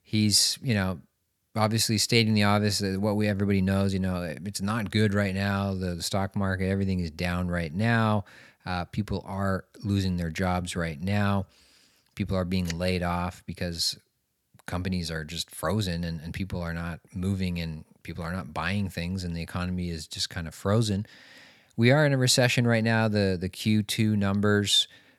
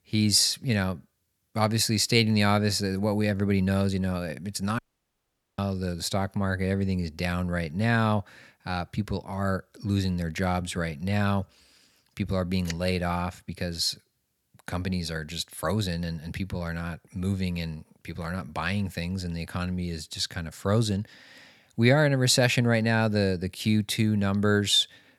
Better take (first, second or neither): first